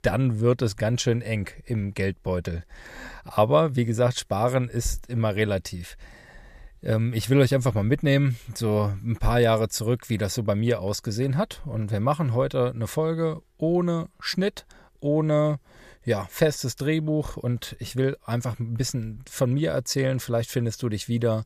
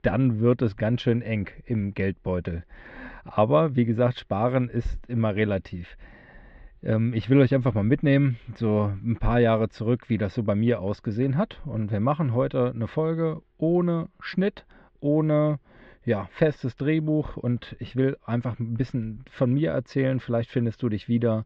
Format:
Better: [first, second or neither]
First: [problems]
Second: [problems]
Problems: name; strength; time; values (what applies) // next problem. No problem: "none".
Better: first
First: none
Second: muffled; very; fading above 3 kHz